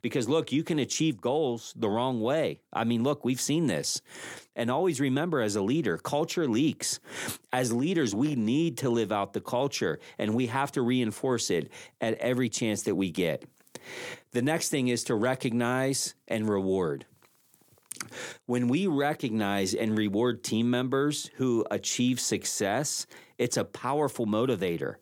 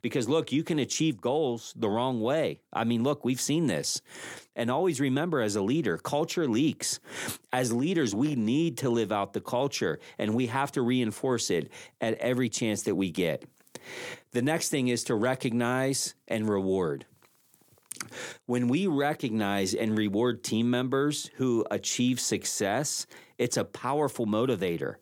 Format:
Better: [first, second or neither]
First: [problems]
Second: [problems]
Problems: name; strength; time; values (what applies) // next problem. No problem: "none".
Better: neither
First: none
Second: none